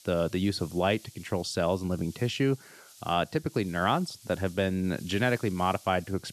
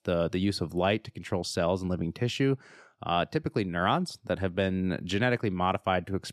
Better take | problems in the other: second | hiss; faint; throughout; 20 dB below the speech

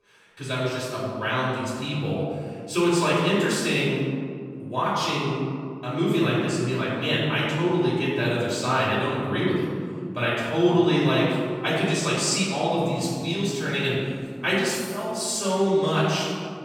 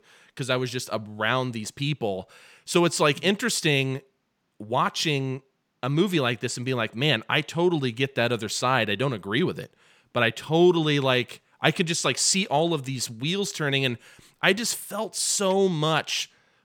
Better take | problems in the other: second | off-mic speech; far // room echo; strong; dies away in 2.2 s

